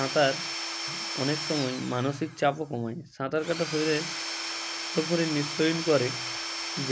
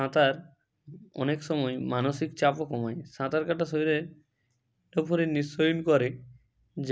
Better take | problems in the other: second | background sound (Tools / Domestic sounds, home sounds); 6 dB below the speech

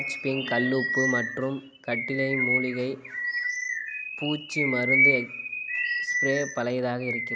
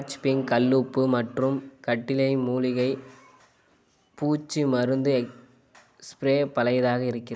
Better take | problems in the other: second | background sound (Bird vocalization, bird call, bird song); 1 dB above the speech

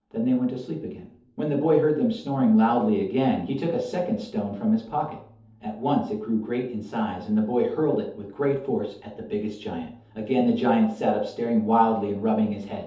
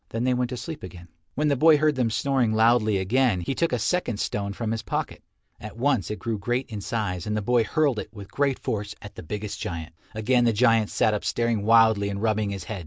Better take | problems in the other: second | room echo; dies away in 0.6 s

